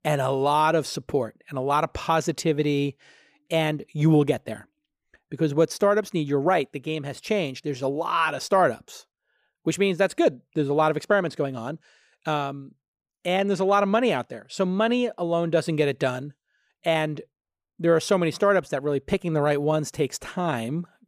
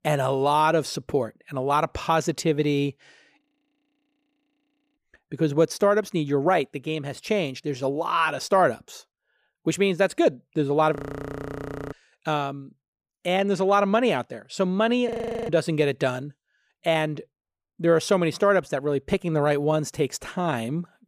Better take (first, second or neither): first